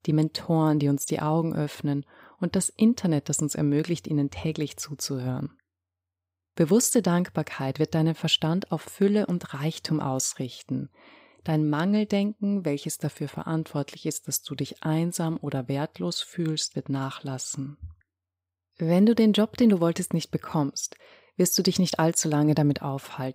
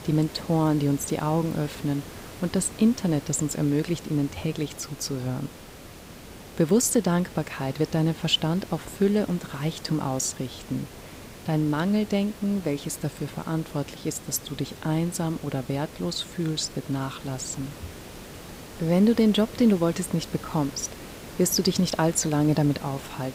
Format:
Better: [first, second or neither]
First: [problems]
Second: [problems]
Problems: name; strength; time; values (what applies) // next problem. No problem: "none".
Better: first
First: none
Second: hiss; noticeable; throughout; 15 dB below the speech